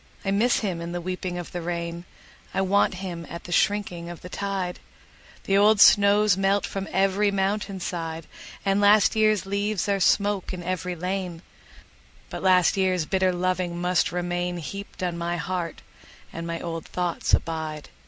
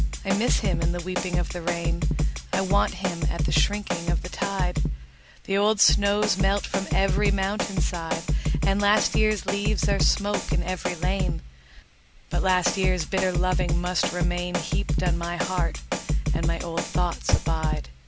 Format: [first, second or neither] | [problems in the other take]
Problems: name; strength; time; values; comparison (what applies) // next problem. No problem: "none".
first | background sound (Drum kit); 3 dB above the speech